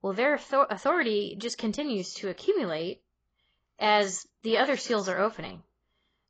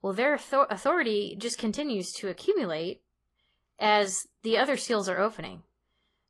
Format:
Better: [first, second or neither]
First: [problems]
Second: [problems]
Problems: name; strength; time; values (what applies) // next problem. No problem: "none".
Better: second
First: garbled, watery; badly; nothing above 7.5 kHz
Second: garbled, watery; slightly